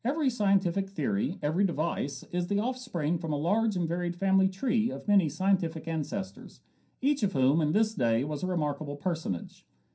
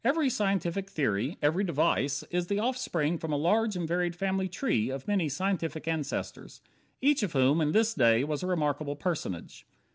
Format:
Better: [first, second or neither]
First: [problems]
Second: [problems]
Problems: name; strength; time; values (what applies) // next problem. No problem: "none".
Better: second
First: room echo; dies away in 0.3 s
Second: none